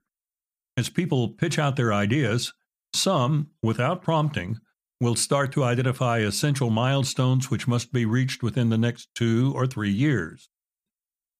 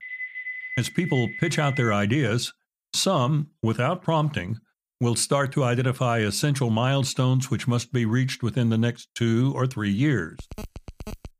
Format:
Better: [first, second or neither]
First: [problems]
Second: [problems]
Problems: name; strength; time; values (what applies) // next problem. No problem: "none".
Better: first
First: none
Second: phone ringing; noticeable; until 2 s; peak 7 dB below the speech // phone ringing; faint; at 10 s; peak 15 dB below the speech